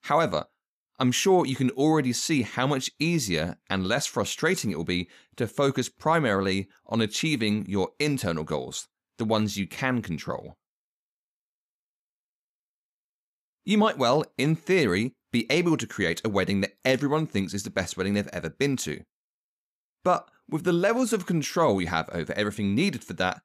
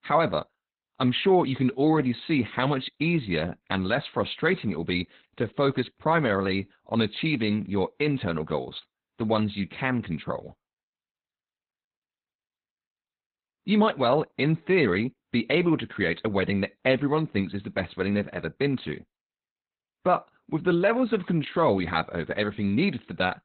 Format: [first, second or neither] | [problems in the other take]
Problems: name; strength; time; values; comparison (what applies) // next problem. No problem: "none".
first | garbled, watery; badly; nothing above 4 kHz